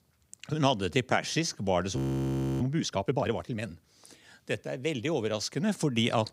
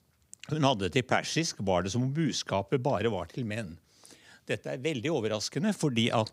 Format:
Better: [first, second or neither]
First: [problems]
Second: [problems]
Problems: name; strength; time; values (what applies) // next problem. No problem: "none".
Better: second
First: audio freezing; at 2 s for 0.5 s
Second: none